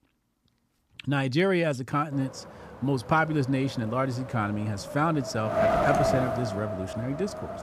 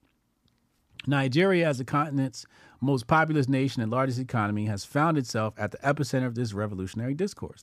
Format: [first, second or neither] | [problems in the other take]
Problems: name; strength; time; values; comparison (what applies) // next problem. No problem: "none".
second | wind noise on the microphone; heavy; from 2 s on; 2 dB above the speech